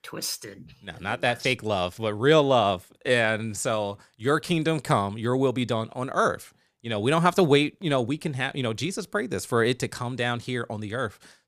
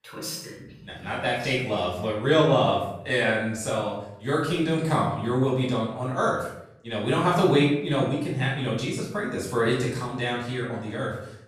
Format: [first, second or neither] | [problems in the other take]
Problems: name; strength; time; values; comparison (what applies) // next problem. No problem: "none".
first | room echo; noticeable; dies away in 0.7 s // off-mic speech; far